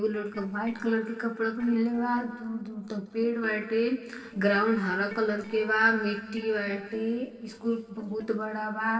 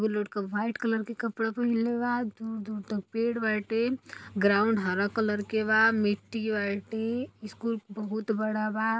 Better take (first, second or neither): second